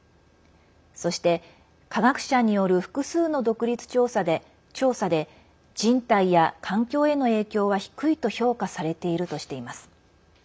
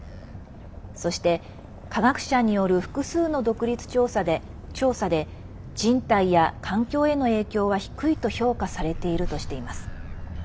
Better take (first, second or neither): first